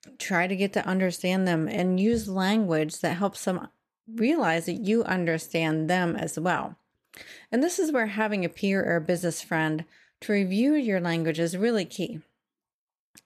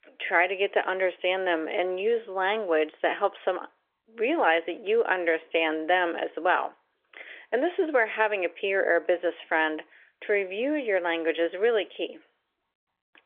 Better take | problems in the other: first | phone-call audio; nothing above 3.5 kHz

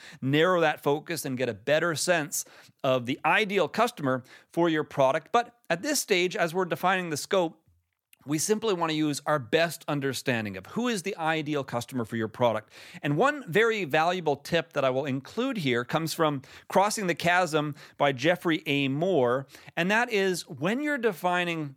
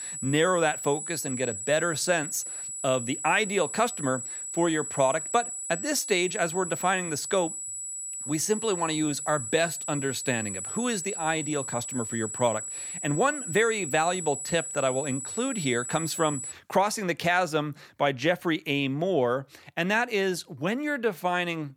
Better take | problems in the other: first | high-pitched whine; loud; until 17 s; 8 kHz, 5 dB below the speech

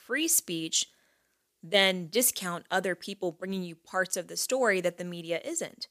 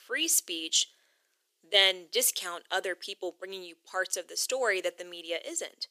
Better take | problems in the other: first | thin; very; fading below 350 Hz

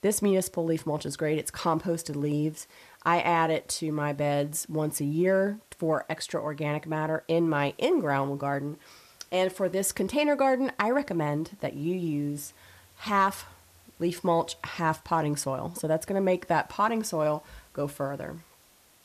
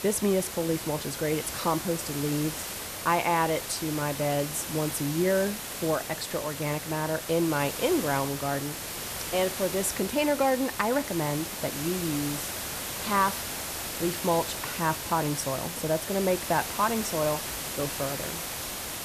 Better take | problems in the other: first | hiss; loud; throughout; 5 dB below the speech; faint in the first

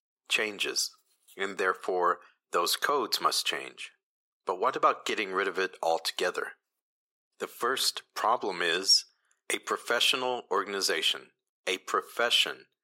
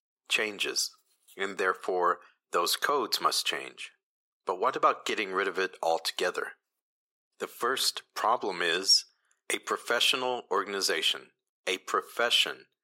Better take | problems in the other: neither | thin; very; fading below 400 Hz; the same in both

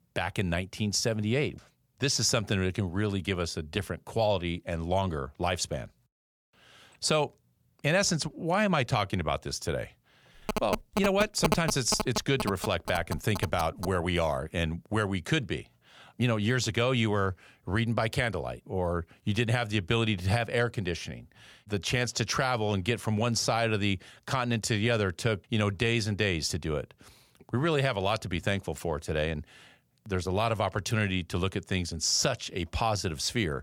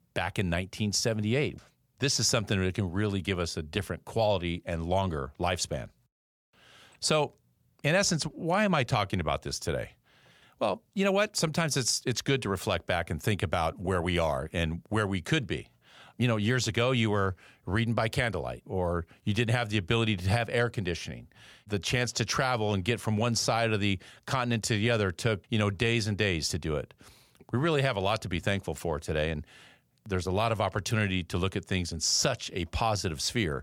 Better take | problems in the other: second | phone ringing; noticeable; from 10 to 14 s; peak 1 dB below the speech

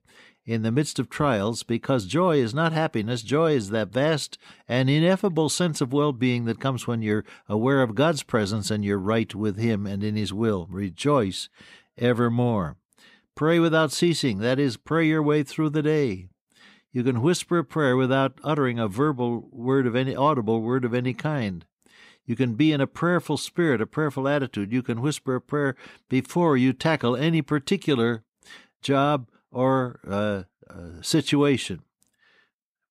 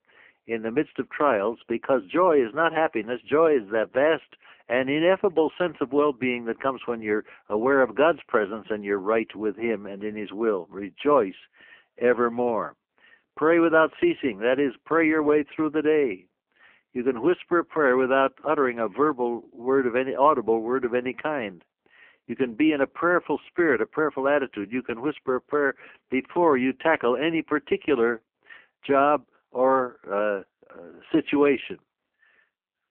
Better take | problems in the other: first | phone-call audio; poor line

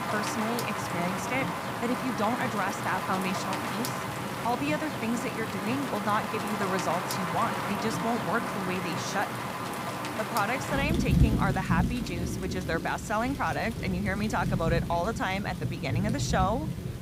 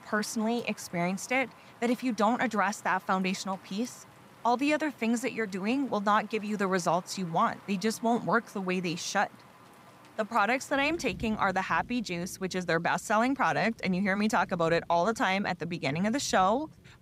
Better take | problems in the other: second | rain or running water; loud; throughout; as loud as the speech; faint in the second

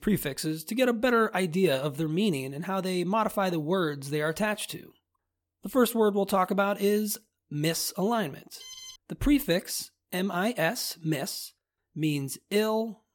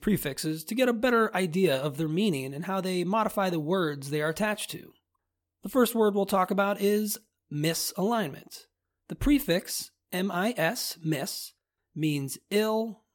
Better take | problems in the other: second | alarm; faint; at 8.5 s; peak 15 dB below the speech

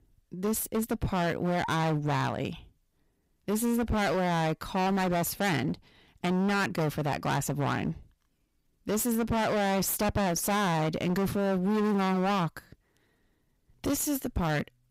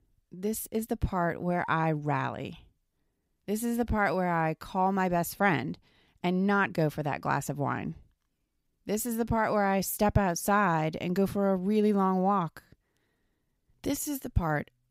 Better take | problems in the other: second | distortion; heavy; 25% of the sound clipped

